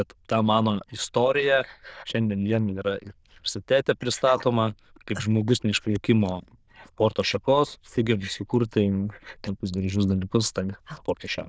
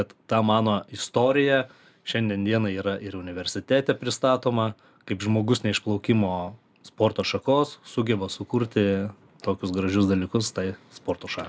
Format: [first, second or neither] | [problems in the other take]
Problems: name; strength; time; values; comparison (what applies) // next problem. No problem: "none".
second | noise reduction (neural diffusion model UNIVERSE++)